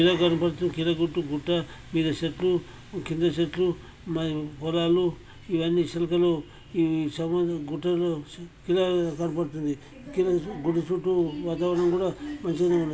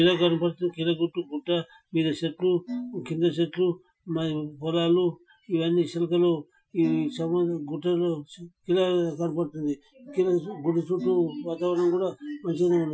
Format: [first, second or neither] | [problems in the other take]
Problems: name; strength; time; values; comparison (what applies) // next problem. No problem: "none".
first | noise reduction (classical method Wiener filter)